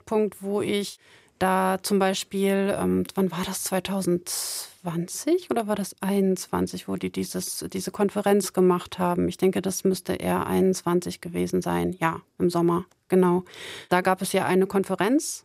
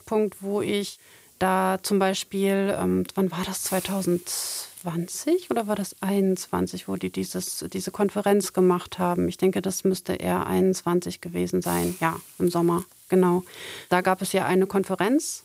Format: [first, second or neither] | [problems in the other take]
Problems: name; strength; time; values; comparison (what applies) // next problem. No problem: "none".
first | hiss; noticeable; throughout; 20 dB below the speech